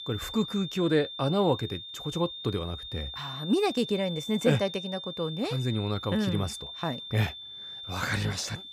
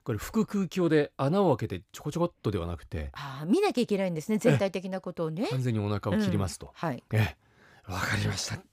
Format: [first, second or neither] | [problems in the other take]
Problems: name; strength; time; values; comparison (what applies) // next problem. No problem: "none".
second | high-pitched whine; loud; throughout; 3.5 kHz, 8 dB below the speech